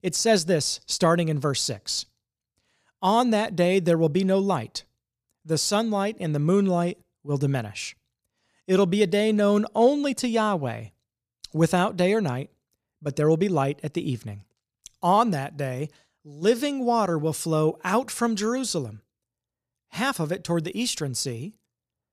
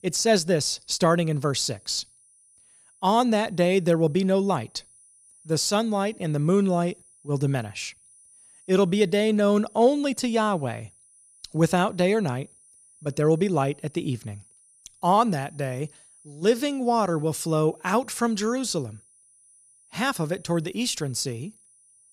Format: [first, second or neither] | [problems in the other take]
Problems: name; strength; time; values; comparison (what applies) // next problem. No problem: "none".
first | high-pitched whine; faint; throughout; 9.5 kHz, 30 dB below the speech